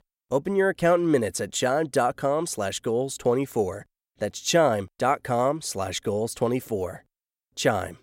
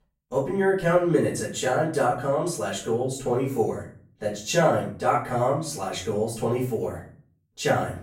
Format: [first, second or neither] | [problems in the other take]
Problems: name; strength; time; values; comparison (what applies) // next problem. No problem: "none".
first | room echo; noticeable; dies away in 0.4 s // off-mic speech; far